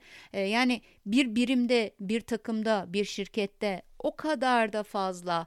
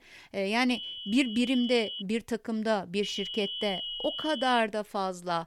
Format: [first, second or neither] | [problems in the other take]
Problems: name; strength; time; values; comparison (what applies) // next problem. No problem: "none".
first | high-pitched whine; loud; from 0.5 to 2 s and from 3 to 4.5 s; 3 kHz, 6 dB below the speech